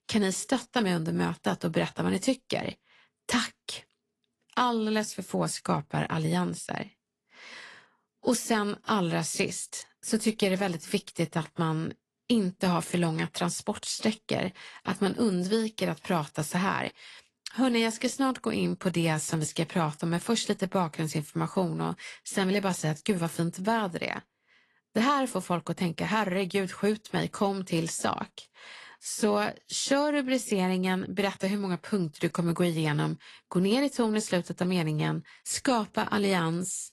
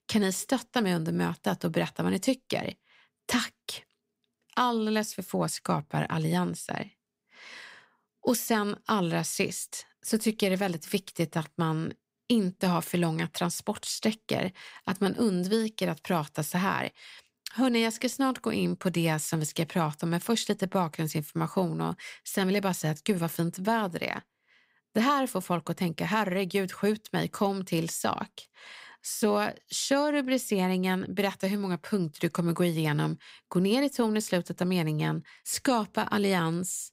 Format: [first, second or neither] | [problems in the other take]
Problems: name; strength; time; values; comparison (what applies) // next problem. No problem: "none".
second | garbled, watery; slightly; nothing above 11.5 kHz